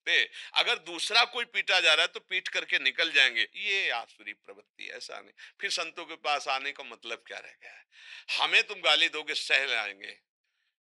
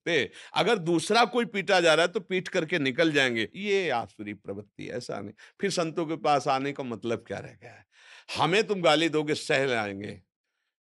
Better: second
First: thin; very; fading below 750 Hz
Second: none

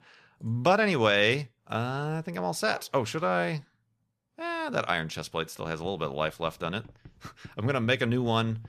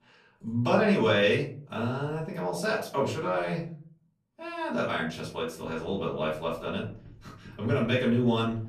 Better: first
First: none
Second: off-mic speech; far // room echo; slight; dies away in 0.4 s

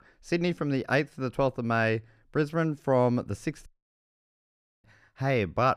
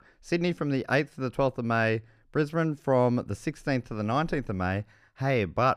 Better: second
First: audio cutting out; at 3.5 s for 1 s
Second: none

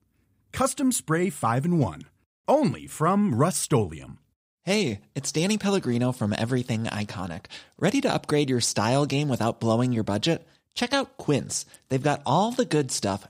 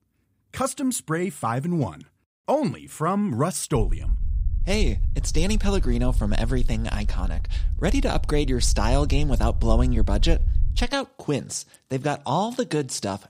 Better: first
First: none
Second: low rumble; faint; from 4 to 11 s; 20 dB below the speech

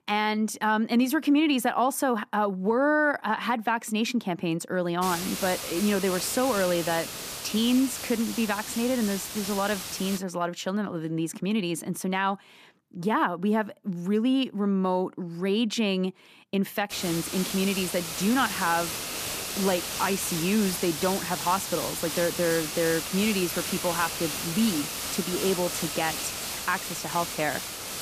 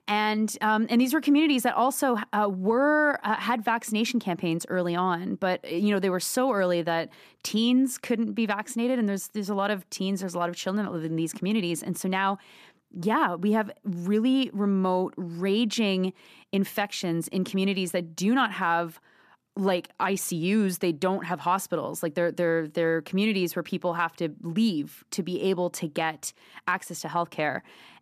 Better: second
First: hiss; loud; from 5 to 10 s and from 17 s on; 5 dB below the speech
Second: none

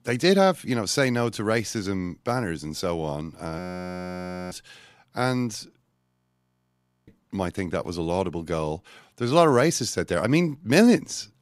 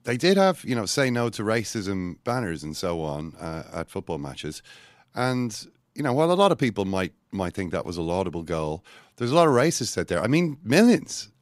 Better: second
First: audio freezing; at 3.5 s for 1 s and at 6 s for 1 s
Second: none

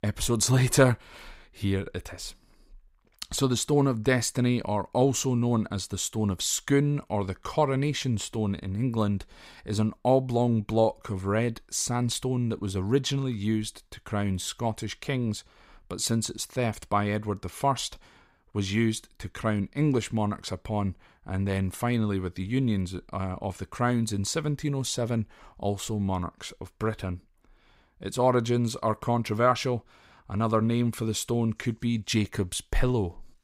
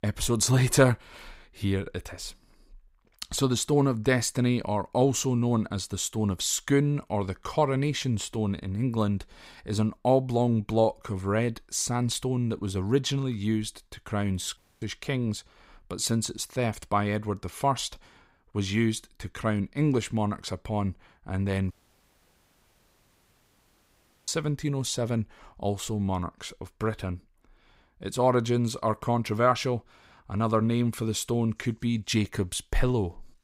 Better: first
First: none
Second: audio cutting out; at 15 s and at 22 s for 2.5 s

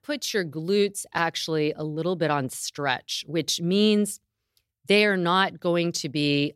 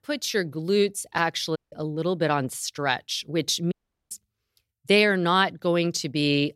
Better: first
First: none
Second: audio cutting out; at 1.5 s and at 3.5 s

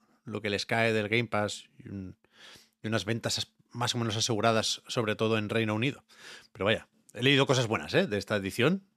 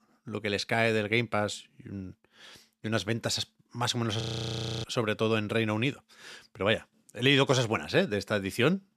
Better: first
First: none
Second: audio freezing; at 4 s for 0.5 s

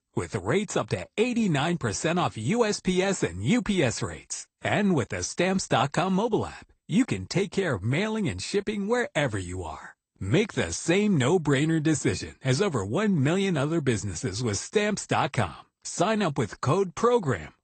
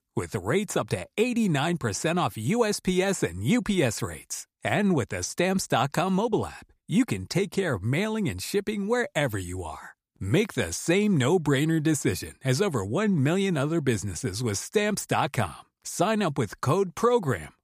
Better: second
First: garbled, watery; slightly; nothing above 8.5 kHz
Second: none

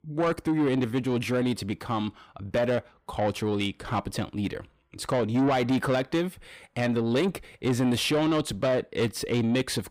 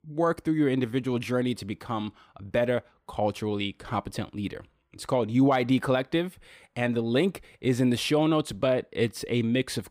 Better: second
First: distortion; slight; 10 dB below the speech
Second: none

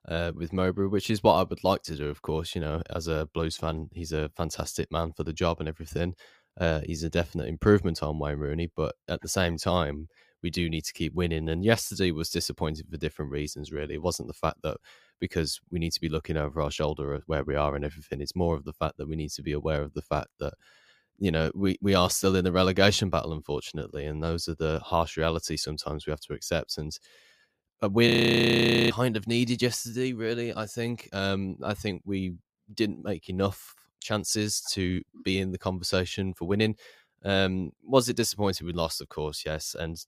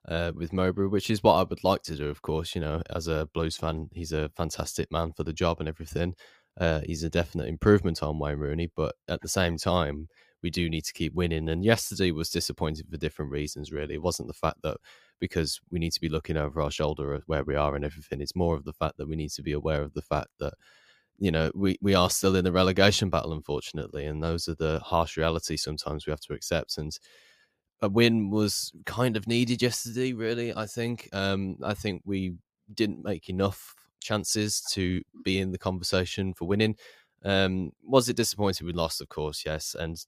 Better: second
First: audio freezing; at 28 s for 1 s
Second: none

